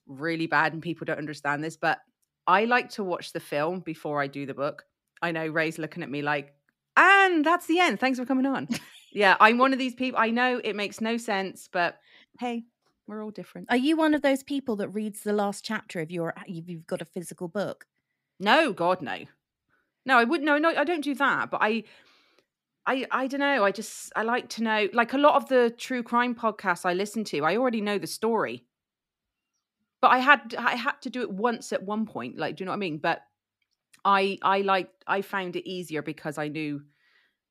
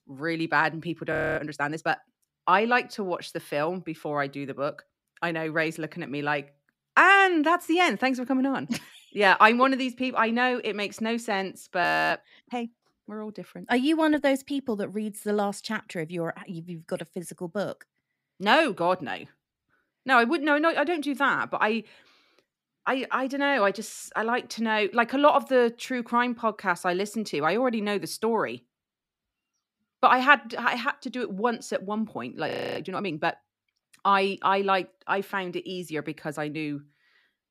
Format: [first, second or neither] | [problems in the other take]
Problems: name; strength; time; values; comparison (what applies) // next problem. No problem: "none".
first | audio freezing; at 1 s, at 12 s and at 32 s